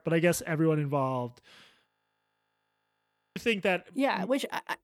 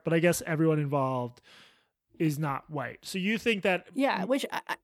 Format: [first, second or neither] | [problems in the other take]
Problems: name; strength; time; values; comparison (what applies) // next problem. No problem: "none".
second | audio freezing; at 2 s for 1.5 s